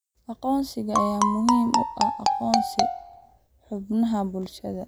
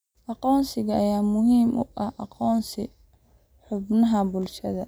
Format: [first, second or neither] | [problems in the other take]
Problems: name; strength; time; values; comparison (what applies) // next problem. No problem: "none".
second | background sound (Marimba, xylophone); 2 dB above the speech